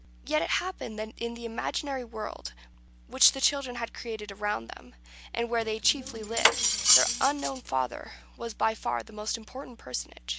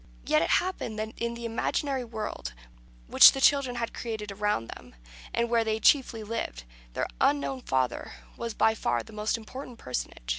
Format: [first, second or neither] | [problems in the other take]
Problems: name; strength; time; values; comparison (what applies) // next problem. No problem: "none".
second | background sound (Cutlery, silverware); 3 dB above the speech